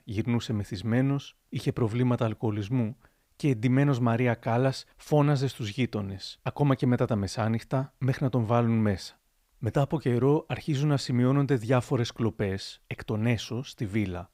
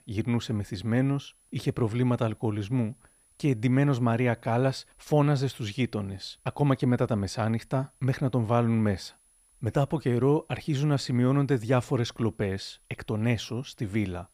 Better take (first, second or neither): first